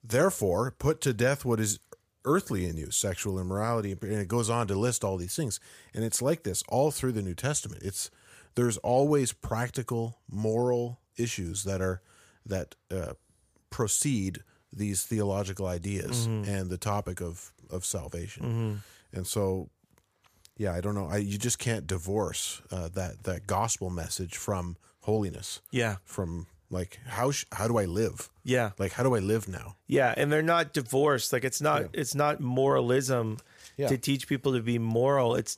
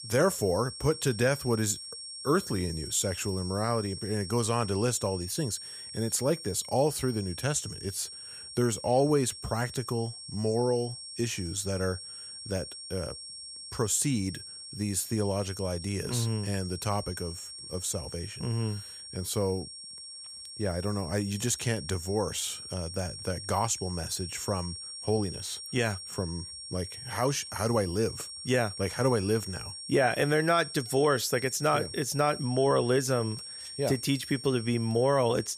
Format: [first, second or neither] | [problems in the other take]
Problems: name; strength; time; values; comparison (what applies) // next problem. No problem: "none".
first | high-pitched whine; loud; throughout; 5.5 kHz, 10 dB below the speech